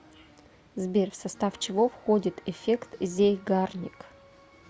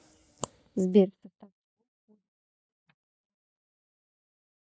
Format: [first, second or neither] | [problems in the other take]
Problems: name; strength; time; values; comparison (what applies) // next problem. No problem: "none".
first | noise reduction (neural mask model DeepFilterNet 3)